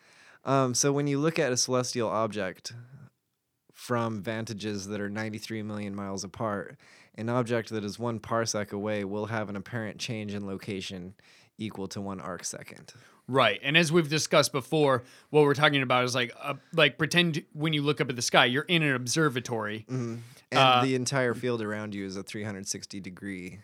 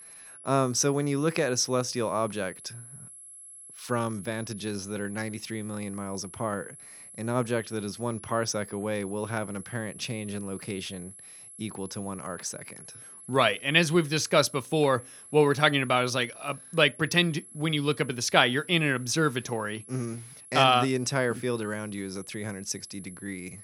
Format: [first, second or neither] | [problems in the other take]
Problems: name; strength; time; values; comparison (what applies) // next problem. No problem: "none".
first | high-pitched whine; noticeable; throughout; 11 kHz, 15 dB below the speech